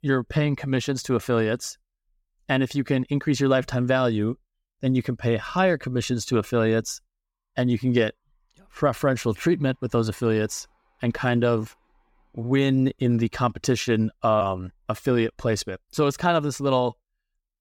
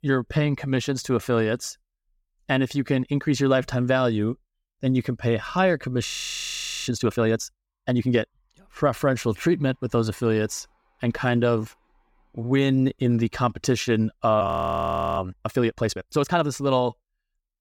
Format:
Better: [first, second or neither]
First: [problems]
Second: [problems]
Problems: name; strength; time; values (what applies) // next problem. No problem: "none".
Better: first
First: none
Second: audio freezing; at 6 s for 1 s and at 14 s for 0.5 s